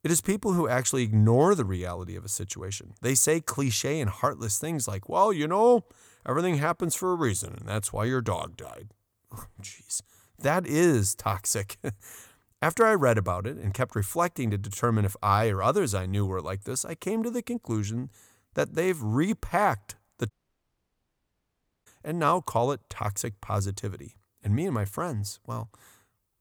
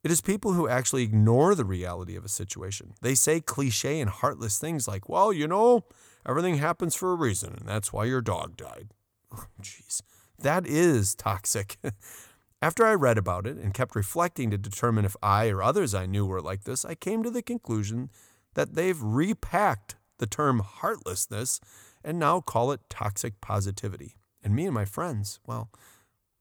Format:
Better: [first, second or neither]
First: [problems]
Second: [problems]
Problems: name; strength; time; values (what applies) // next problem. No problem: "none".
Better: second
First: audio cutting out; at 20 s for 1.5 s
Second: none